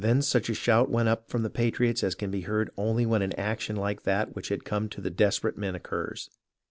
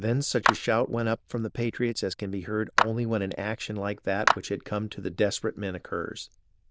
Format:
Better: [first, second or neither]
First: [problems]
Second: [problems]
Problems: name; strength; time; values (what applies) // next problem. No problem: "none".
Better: first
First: none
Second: noise reduction (neural diffusion model UNIVERSE++)